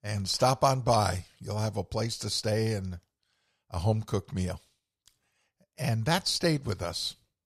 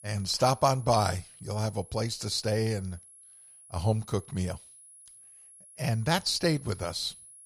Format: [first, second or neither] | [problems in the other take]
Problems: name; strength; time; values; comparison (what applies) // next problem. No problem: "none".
first | high-pitched whine; faint; throughout; 10.5 kHz, 20 dB below the speech